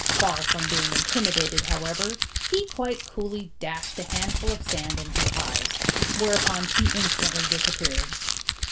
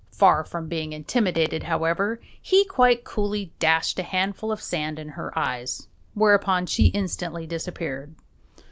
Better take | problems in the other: second | background sound (Crumpling, crinkling); 4 dB above the speech // room echo; dies away in 0.2 s

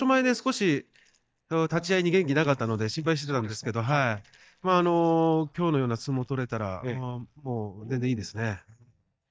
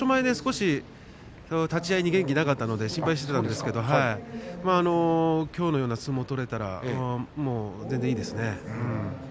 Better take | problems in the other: second | noise reduction (neural mask model DeepFilterNet 3)

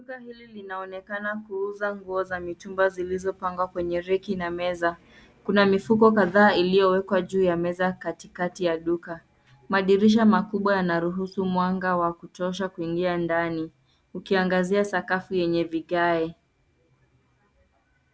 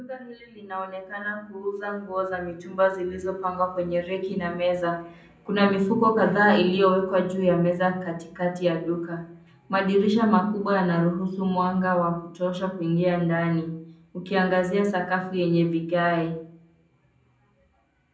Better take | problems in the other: first | room echo; dies away in 0.6 s

